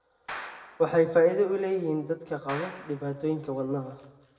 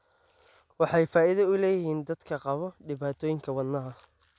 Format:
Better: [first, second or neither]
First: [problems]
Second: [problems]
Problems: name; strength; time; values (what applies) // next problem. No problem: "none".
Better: second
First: background sound (Clapping); 17 dB below the speech // room echo; dies away in 0.8 s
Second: none